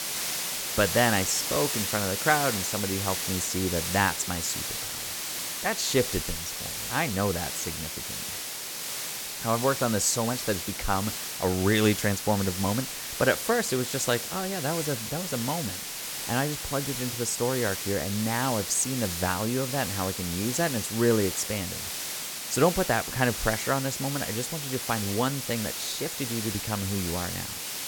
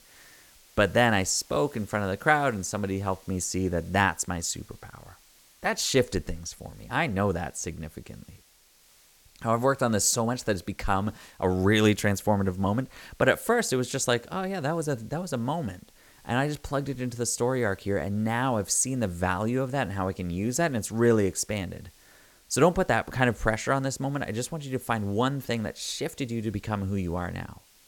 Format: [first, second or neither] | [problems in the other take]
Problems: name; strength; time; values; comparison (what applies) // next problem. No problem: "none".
second | hiss; loud; throughout; 3 dB below the speech; faint in the second